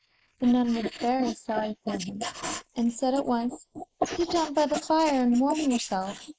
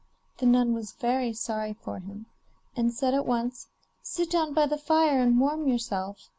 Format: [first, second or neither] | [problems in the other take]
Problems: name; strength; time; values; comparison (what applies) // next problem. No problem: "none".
second | noise reduction (neural mask model Resemble Enhance denoiser)